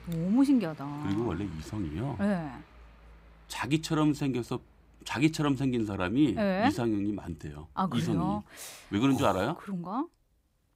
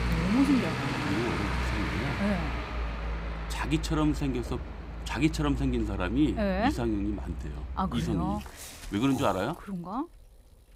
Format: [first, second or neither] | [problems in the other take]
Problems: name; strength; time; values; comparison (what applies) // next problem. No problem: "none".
first | traffic noise; loud; throughout; 5 dB below the speech; faint in the first